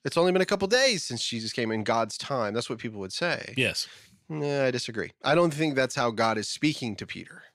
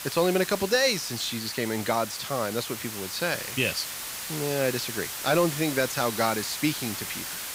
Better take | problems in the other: first | hiss; loud; throughout; 6 dB below the speech

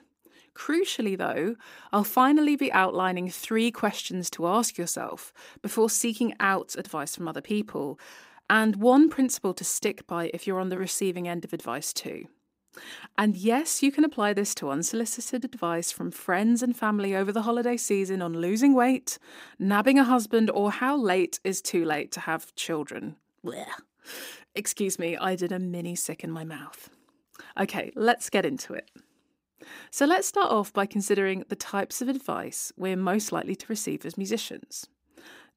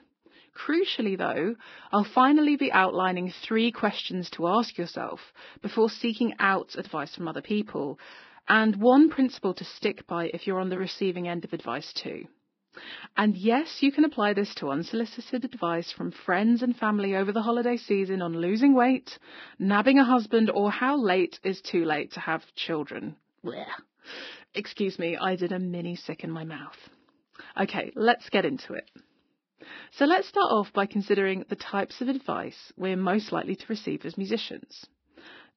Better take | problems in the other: first | garbled, watery; badly; nothing above 5.5 kHz

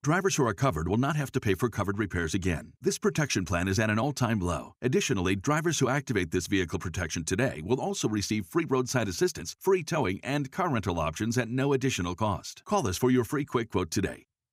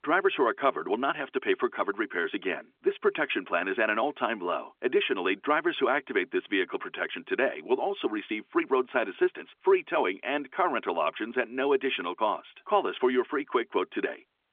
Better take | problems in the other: first | phone-call audio; nothing above 3.5 kHz

